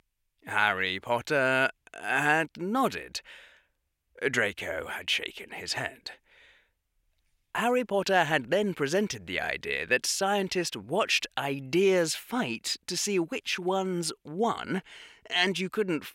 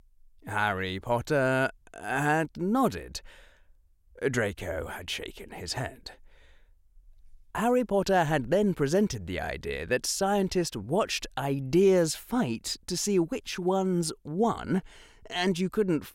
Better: second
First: thin; very slightly; fading below 500 Hz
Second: none

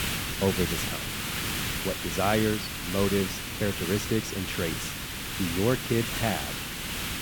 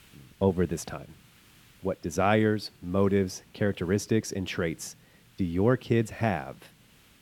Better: second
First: hiss; loud; throughout; 1 dB below the speech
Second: hiss; faint; throughout; 30 dB below the speech

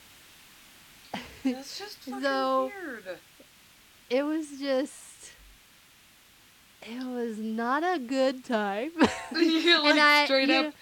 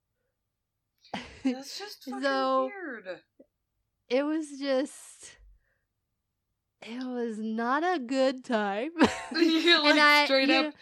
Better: second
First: hiss; faint; throughout; 30 dB below the speech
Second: none

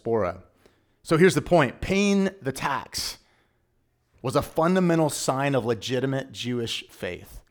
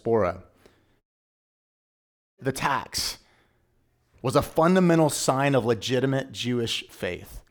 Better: first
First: none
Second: audio cutting out; at 1 s for 1.5 s

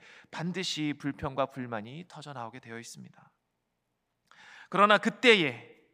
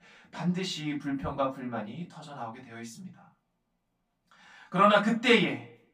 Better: first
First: none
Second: off-mic speech; far // room echo; very slight; dies away in 0.2 s

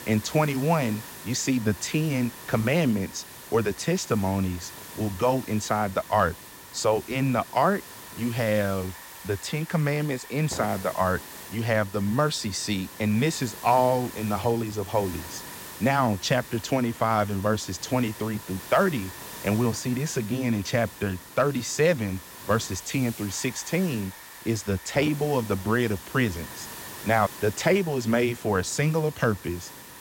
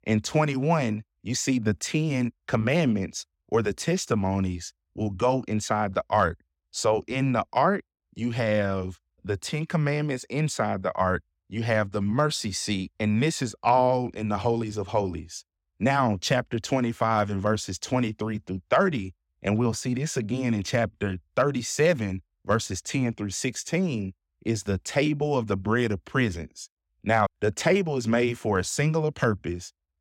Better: second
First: hiss; noticeable; throughout; 15 dB below the speech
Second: none

